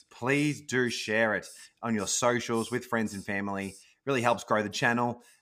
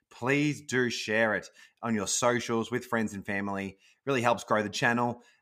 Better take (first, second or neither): second